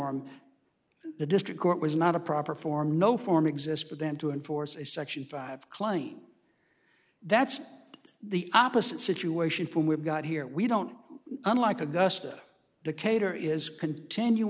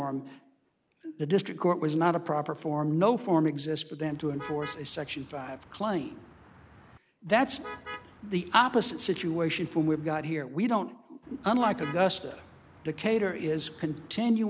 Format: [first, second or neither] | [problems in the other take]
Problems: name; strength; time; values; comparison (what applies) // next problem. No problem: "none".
first | background sound (Motor vehicle (road)); 18 dB below the speech